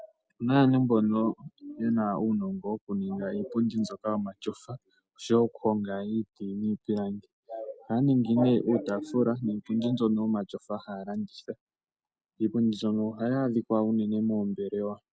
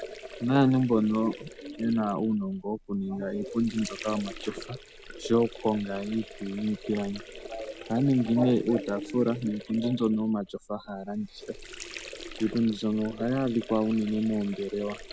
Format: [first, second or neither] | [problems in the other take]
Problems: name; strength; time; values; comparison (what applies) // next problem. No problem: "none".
first | background sound (Sink (filling or washing) / Water); 15 dB below the speech